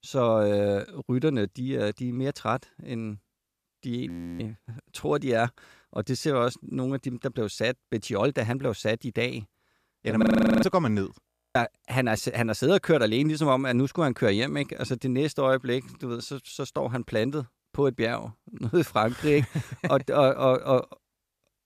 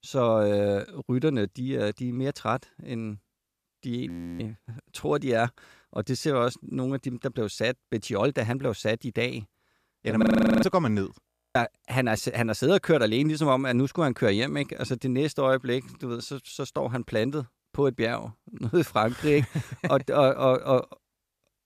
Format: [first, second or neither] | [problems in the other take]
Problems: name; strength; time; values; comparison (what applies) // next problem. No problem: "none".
neither | audio freezing; at 4 s, at 10 s and at 11 s; the same in both